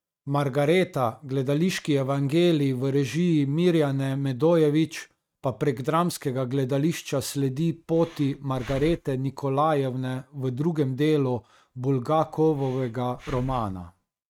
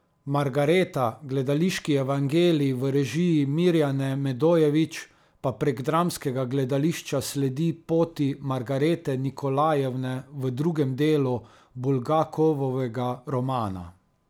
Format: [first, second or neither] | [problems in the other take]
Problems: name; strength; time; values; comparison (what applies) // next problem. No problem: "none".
second | noise reduction (neural mask model RNNoise)